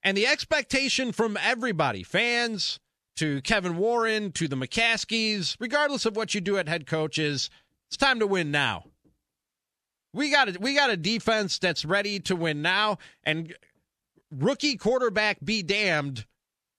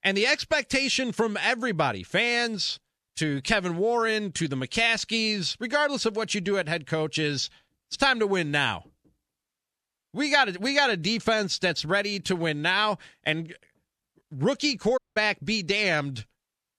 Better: first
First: none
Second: audio cutting out; at 15 s

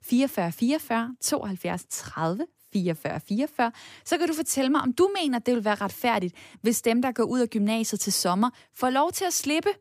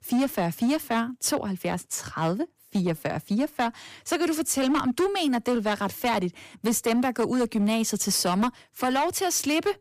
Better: first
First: none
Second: distortion; slight; 11% of the sound clipped

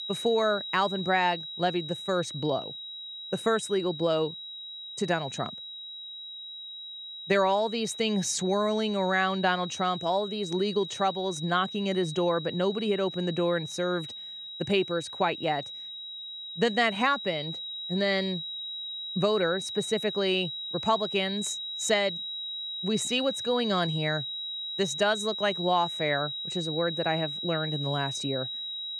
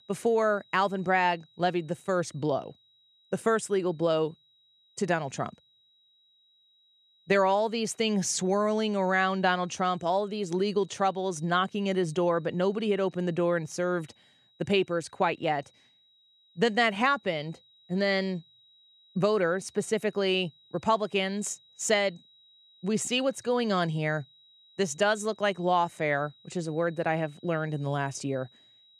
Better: second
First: high-pitched whine; loud; throughout; 4 kHz, 6 dB below the speech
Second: high-pitched whine; faint; throughout; 4 kHz, 30 dB below the speech

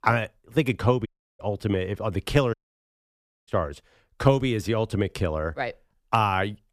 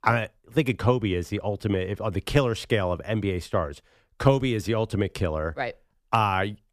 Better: second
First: audio cutting out; at 1 s and at 2.5 s for 1 s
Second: none

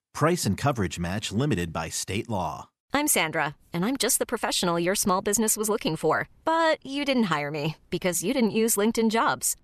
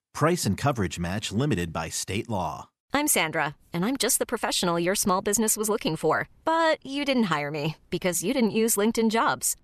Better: neither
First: none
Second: none

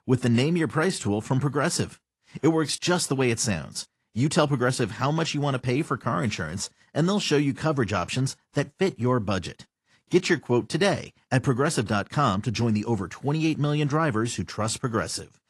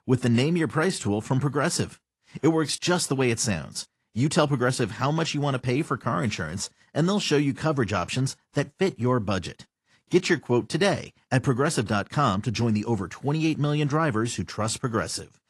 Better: neither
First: garbled, watery; slightly; nothing above 11 kHz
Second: garbled, watery; slightly; nothing above 11 kHz

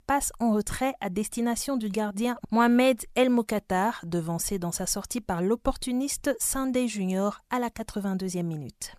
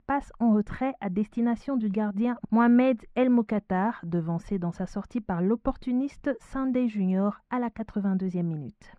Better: first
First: none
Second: muffled; very; fading above 2 kHz

